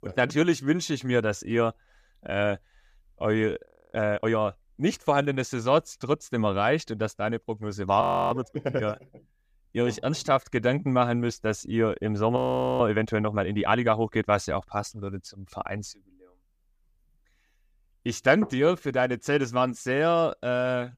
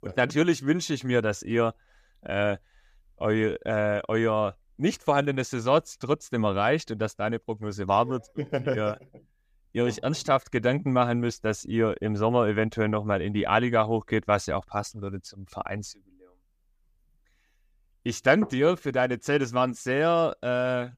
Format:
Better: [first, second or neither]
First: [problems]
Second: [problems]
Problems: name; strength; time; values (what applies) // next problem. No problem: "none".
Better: second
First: audio freezing; at 3.5 s, at 8 s and at 12 s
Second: none